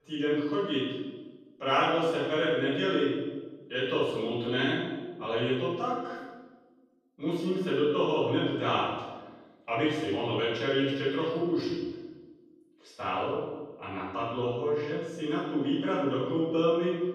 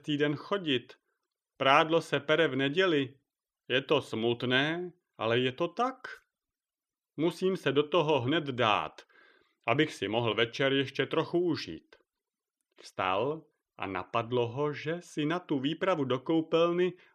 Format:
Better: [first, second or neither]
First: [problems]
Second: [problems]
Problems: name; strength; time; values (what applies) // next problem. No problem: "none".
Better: second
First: off-mic speech; far // room echo; strong; dies away in 1.1 s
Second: none